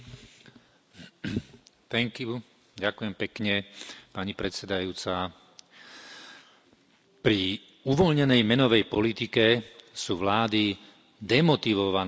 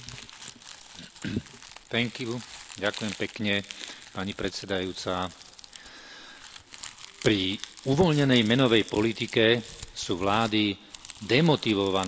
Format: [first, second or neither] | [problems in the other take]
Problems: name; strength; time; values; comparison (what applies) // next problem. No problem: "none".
first | background sound (Crumpling, crinkling); 18 dB below the speech